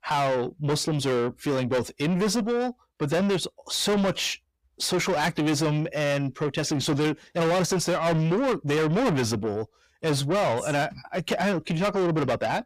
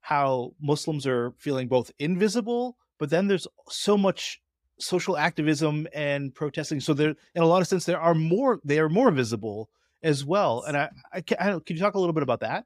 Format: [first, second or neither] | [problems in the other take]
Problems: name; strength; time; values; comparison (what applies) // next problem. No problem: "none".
second | distortion; heavy; 6 dB below the speech